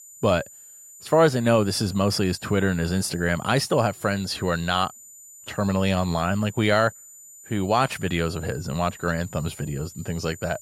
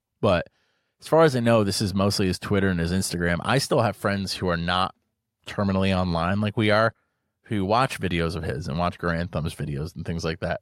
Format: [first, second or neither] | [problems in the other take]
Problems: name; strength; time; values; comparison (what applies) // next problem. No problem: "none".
second | high-pitched whine; noticeable; throughout; 7 kHz, 20 dB below the speech